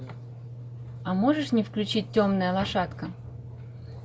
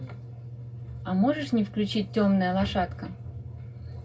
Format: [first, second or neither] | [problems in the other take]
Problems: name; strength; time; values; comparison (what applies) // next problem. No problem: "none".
first | room echo; dies away in 0.2 s